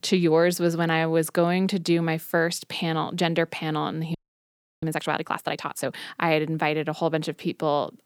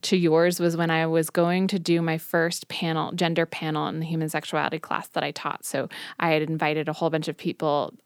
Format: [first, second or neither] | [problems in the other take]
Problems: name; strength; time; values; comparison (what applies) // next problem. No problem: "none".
second | audio freezing; at 4 s for 0.5 s